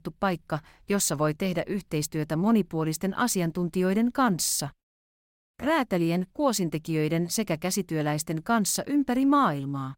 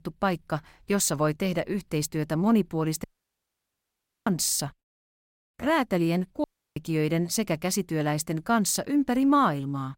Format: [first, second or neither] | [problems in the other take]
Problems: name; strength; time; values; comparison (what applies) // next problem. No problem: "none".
first | audio cutting out; at 3 s for 1 s and at 6.5 s